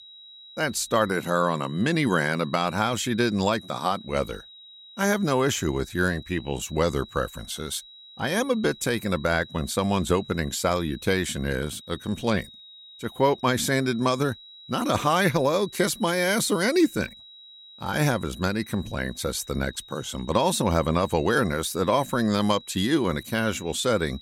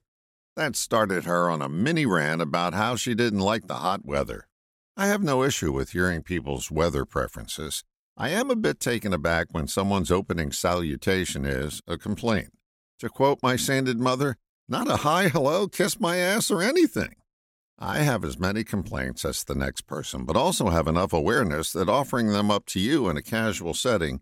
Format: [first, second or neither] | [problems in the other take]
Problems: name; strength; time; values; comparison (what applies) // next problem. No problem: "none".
second | high-pitched whine; noticeable; throughout; 4 kHz, 20 dB below the speech